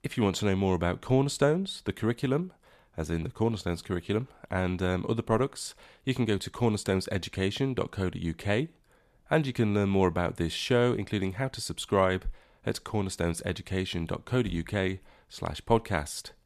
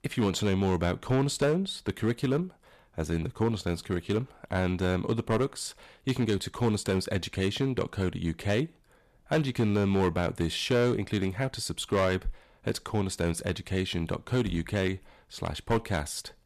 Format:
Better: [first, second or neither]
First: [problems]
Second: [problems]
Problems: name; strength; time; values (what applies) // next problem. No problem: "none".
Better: first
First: none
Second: distortion; slight; 4% of the sound clipped